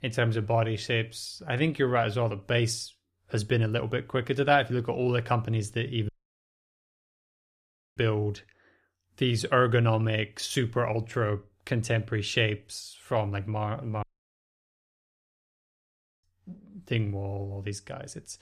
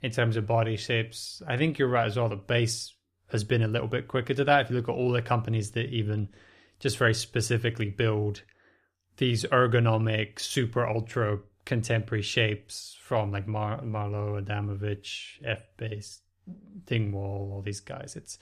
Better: second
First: audio cutting out; at 6 s for 2 s and at 14 s for 2 s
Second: none

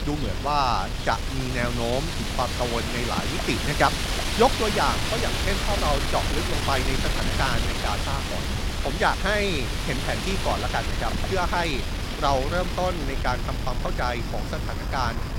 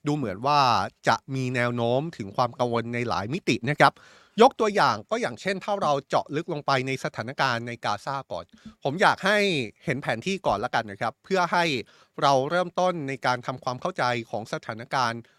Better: second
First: wind noise on the microphone; heavy; 3 dB below the speech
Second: none

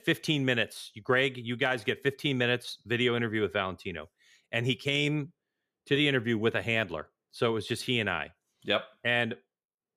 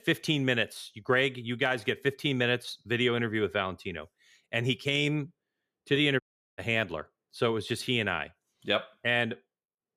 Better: first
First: none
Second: audio cutting out; at 6 s

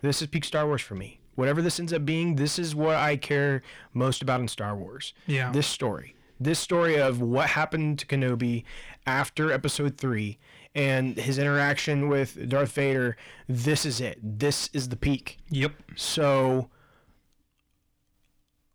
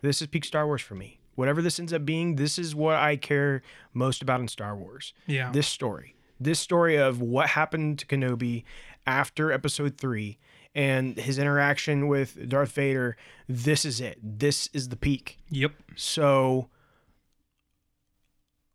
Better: second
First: distortion; slight; 10 dB below the speech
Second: none

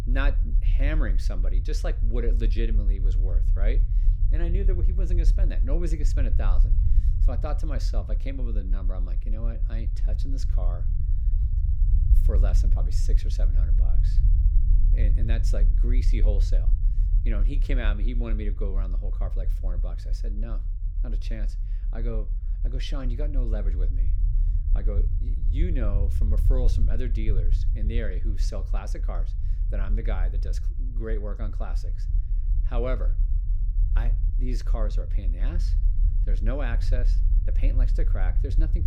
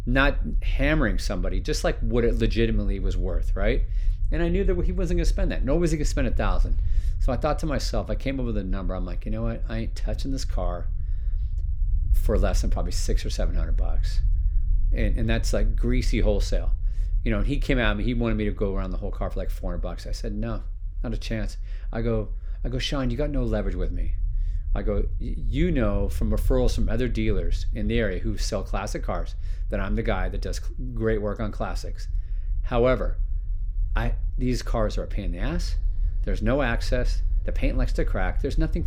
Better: second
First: low rumble; loud; throughout; 9 dB below the speech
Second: low rumble; faint; throughout; 25 dB below the speech

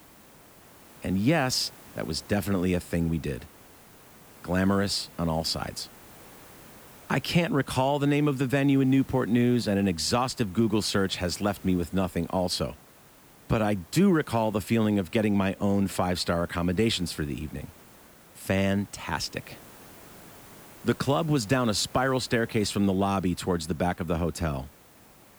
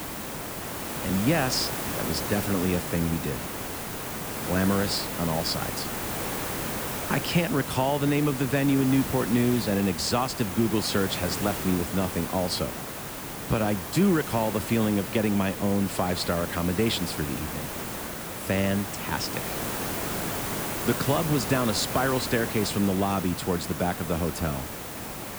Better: first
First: hiss; faint; throughout; 25 dB below the speech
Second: hiss; loud; throughout; 5 dB below the speech

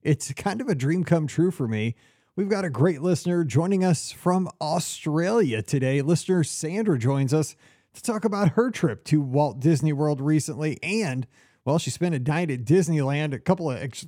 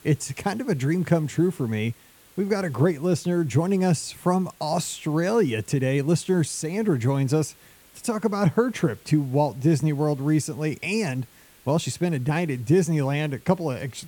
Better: first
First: none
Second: hiss; faint; throughout; 25 dB below the speech

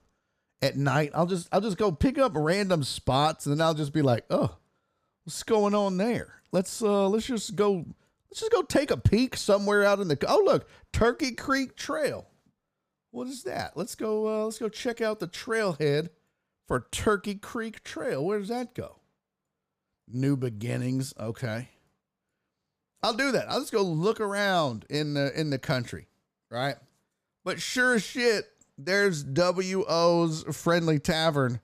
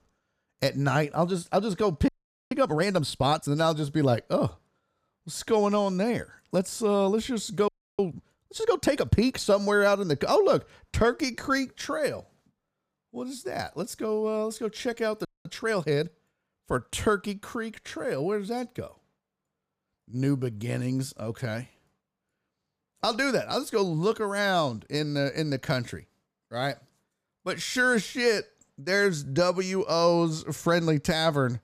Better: first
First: none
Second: audio freezing; at 2 s, at 7.5 s and at 15 s

